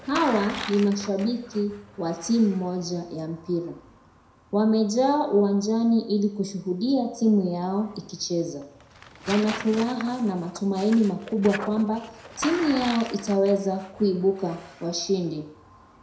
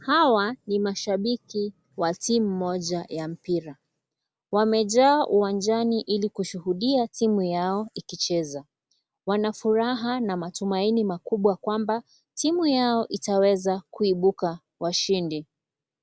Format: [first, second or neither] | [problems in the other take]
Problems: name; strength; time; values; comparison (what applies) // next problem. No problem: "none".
second | background sound (Tearing); 15 dB below the speech // room echo; dies away in 0.6 s